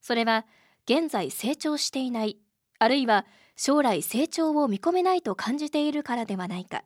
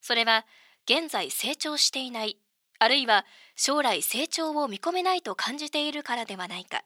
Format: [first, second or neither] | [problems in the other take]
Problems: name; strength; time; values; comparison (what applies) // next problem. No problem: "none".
first | thin; somewhat; fading below 1 kHz